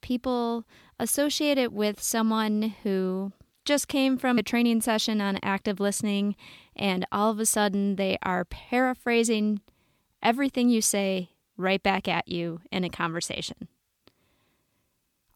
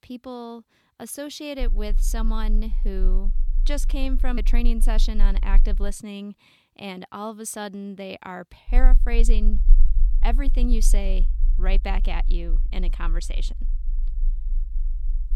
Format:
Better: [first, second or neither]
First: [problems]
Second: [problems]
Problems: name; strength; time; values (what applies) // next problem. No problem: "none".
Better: first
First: none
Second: low rumble; noticeable; from 1.5 to 6 s and from 8.5 s on; 20 dB below the speech